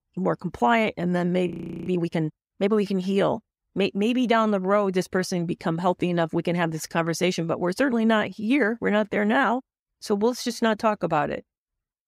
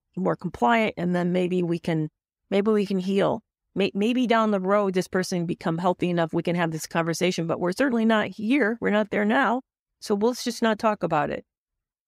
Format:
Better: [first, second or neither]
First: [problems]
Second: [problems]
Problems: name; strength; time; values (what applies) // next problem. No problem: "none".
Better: second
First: audio freezing; at 1.5 s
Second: none